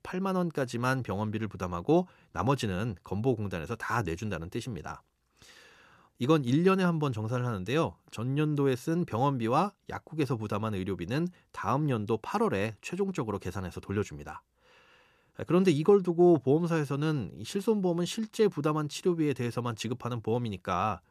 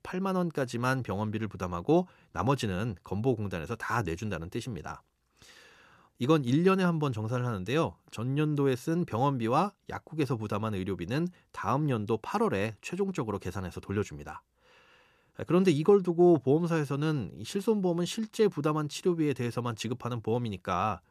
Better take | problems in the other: neither | none

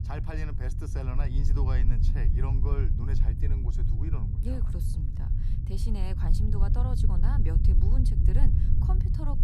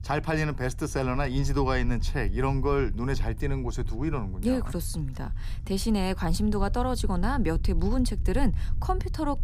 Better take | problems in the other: second | low rumble; loud; throughout; 1 dB below the speech; faint in the second

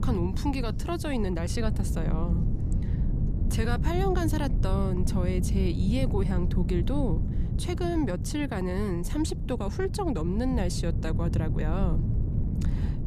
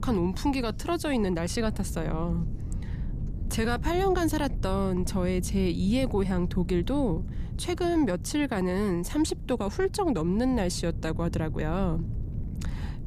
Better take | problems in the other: second | wind noise on the microphone; heavy; 8 dB below the speech; occasional gusts in the second

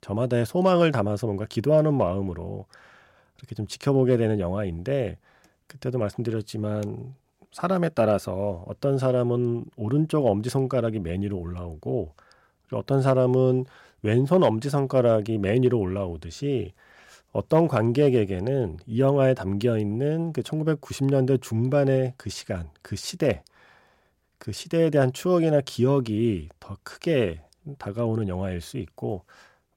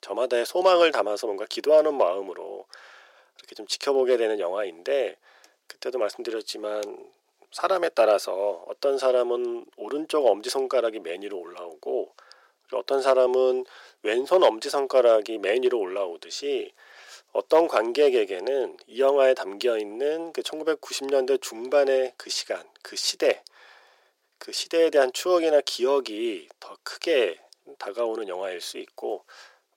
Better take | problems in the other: first | thin; very; fading below 400 Hz

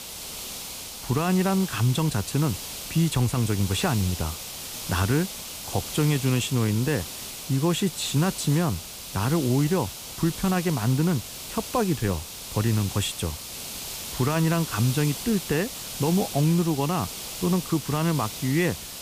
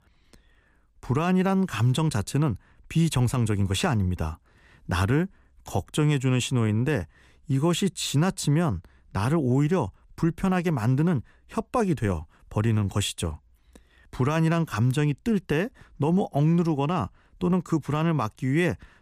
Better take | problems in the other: second | hiss; loud; throughout; 8 dB below the speech

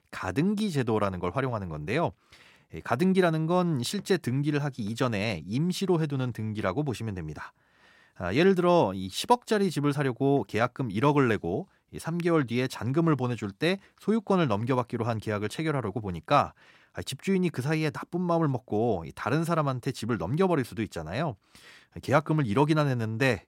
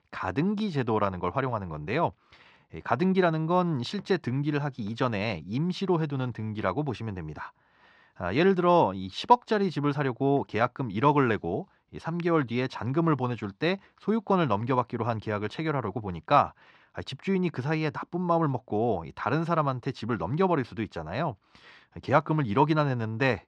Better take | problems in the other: first | muffled; very slightly; fading above 4.5 kHz

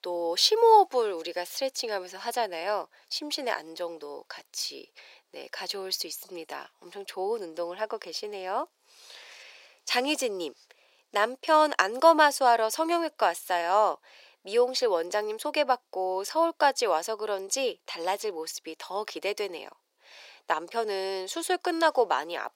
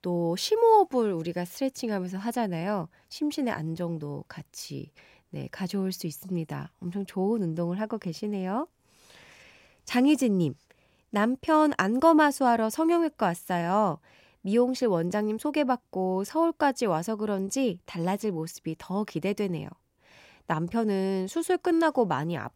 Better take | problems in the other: second | thin; very; fading below 450 Hz

